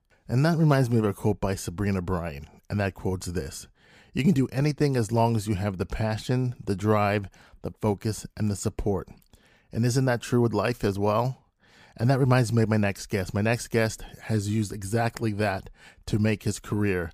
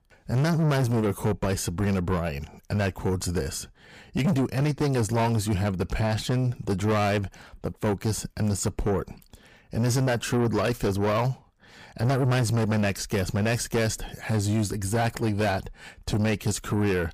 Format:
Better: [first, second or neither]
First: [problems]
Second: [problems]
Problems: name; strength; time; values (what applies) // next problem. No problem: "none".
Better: first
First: none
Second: distortion; heavy; 7 dB below the speech